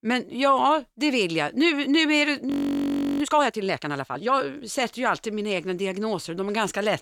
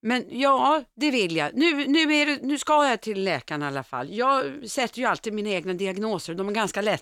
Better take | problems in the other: second | audio freezing; at 2.5 s for 0.5 s

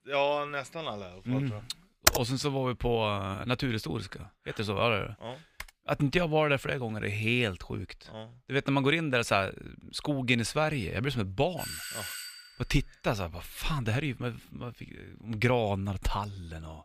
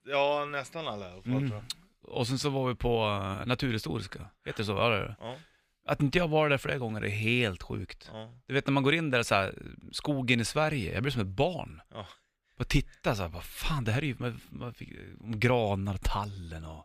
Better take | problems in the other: second | keyboard typing; loud; at 2 s; peak 5 dB above the speech // keyboard typing; faint; at 5.5 s; peak 15 dB below the speech // doorbell; noticeable; from 12 to 13 s; peak 6 dB below the speech

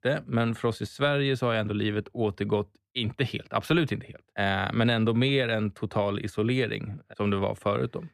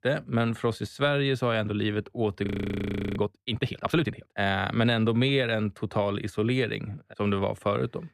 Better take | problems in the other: first | audio freezing; at 2.5 s for 0.5 s

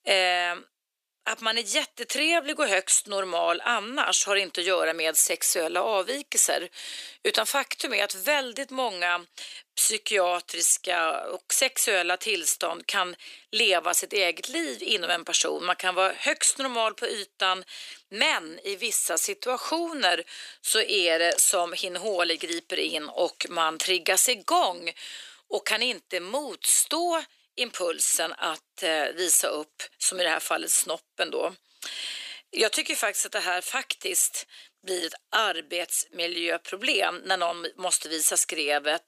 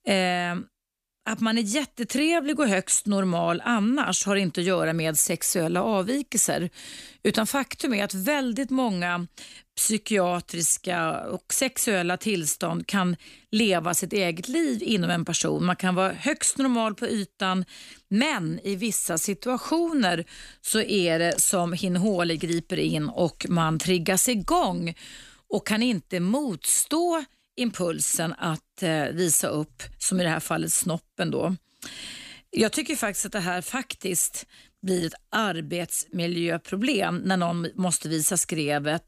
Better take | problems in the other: second | thin; very; fading below 400 Hz

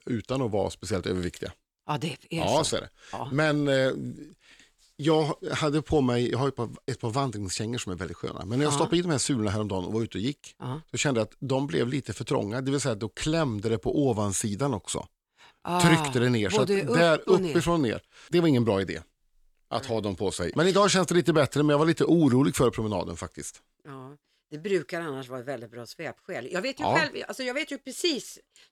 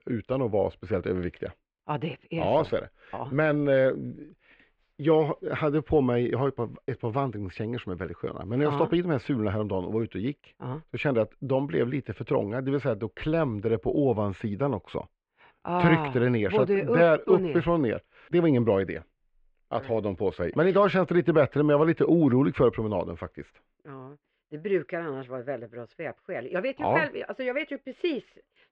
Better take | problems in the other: first | muffled; very; fading above 2.5 kHz

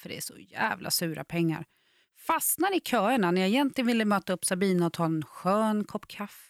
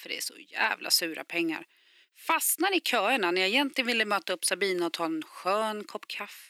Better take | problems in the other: first | thin; somewhat; fading below 300 Hz

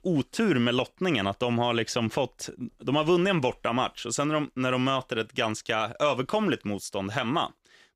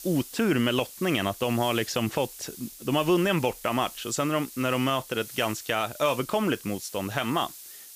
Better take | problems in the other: first | hiss; noticeable; throughout; 15 dB below the speech

